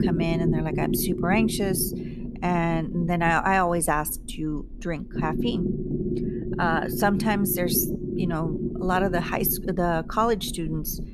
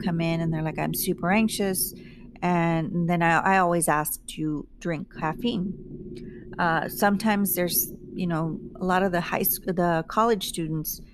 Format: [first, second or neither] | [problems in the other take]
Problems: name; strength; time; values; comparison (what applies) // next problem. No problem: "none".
second | low rumble; loud; throughout; 9 dB below the speech; faint in the second